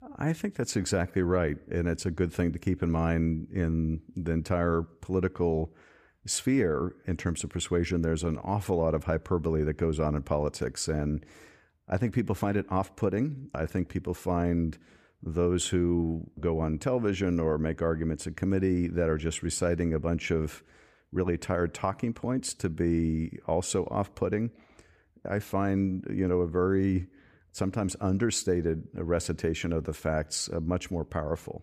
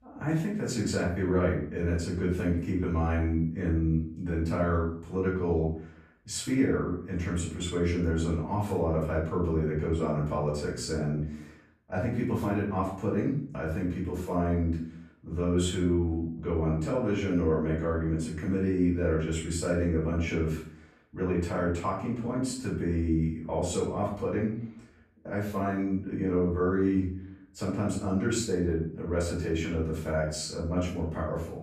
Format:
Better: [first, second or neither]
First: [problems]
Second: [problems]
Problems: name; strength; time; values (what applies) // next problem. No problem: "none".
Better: first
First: none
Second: off-mic speech; far // room echo; noticeable; dies away in 0.5 s